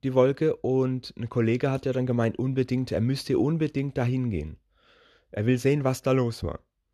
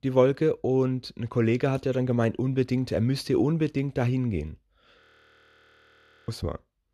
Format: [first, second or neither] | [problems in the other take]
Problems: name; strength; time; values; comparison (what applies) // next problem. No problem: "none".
first | audio freezing; at 5 s for 1.5 s